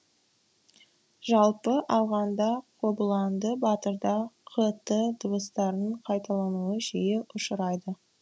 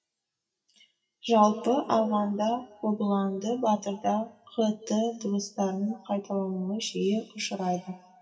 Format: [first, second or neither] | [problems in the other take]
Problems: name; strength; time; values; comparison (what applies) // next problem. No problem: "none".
first | noise reduction (classical method WPE with log-MMSE)